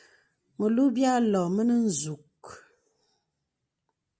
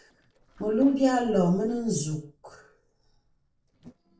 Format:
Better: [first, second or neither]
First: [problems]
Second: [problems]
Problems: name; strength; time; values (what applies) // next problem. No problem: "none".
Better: first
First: none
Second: noise reduction (neural separator model SepFormer DNS4)